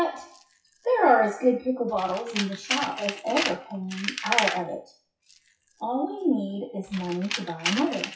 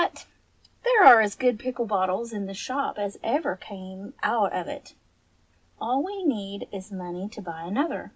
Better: second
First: noise reduction (classical method WPE with log-MMSE)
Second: none

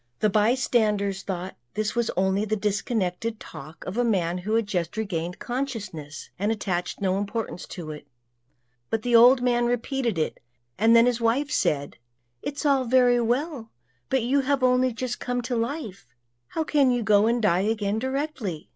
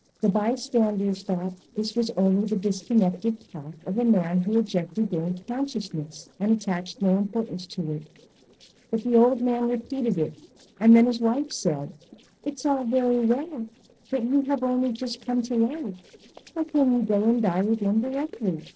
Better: first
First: none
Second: noise reduction (neural separator model SepFormer DNS4)

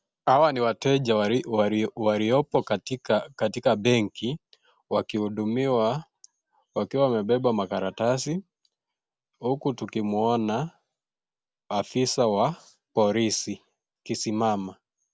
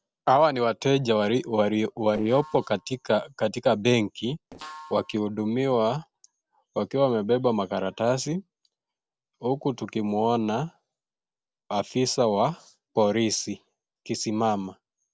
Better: first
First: none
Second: noise reduction (neural separator model SepFormer DNS4)

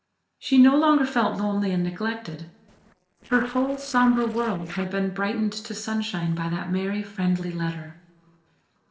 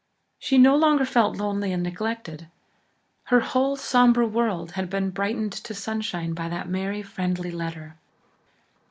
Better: second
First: noise reduction (neural separator model SepFormer DNS4)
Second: none

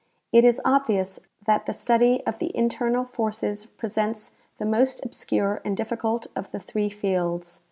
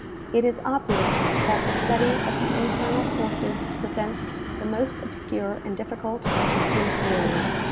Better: first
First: none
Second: background sound (Fixed-wing aircraft, airplane); 2 dB above the speech

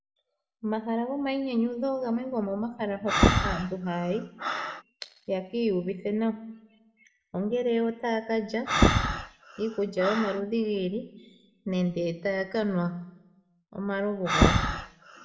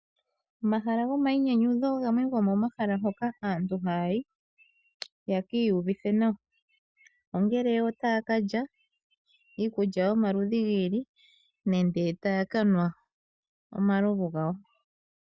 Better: second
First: background sound (Breathing); 1 dB below the speech // room echo; dies away in 0.7 s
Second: none

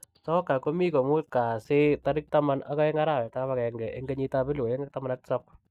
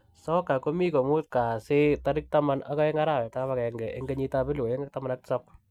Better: second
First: noise reduction (neural mask model DeepFilterNet 3)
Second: none

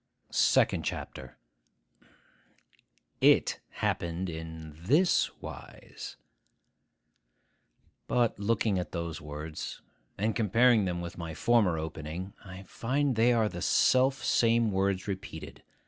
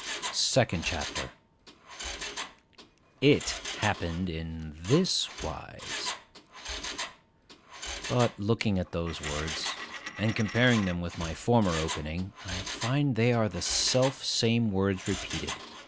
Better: first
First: none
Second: background sound (Coin (dropping) + Mechanisms); 10 dB below the speech

